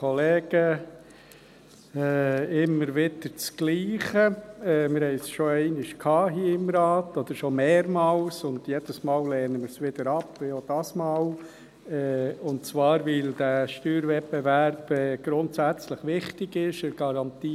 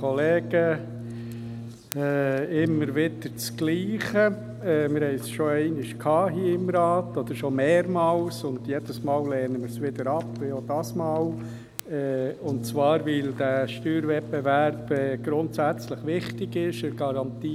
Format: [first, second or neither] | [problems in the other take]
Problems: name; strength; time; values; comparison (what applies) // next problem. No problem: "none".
first | background sound (Brass instrument); 11 dB below the speech